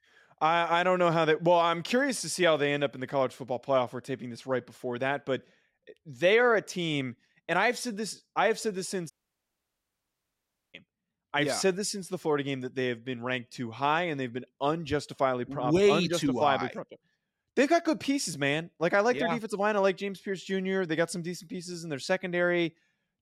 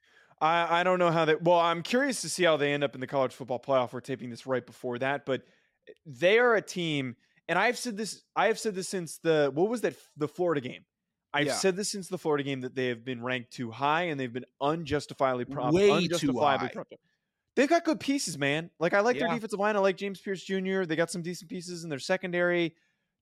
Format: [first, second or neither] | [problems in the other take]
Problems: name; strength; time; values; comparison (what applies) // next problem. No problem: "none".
second | audio cutting out; at 9 s for 1.5 s